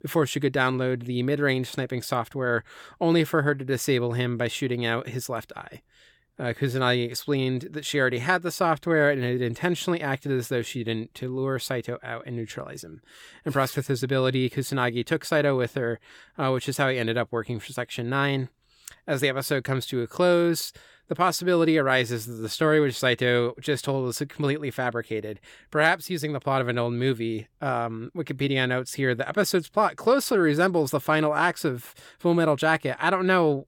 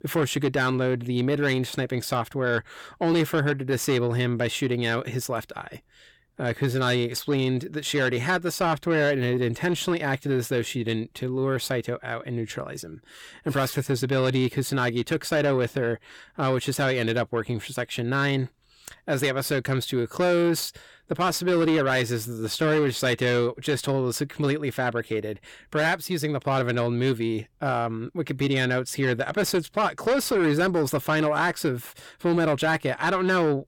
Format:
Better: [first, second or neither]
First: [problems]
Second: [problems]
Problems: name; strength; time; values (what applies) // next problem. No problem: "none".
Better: first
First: none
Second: distortion; slight; 10 dB below the speech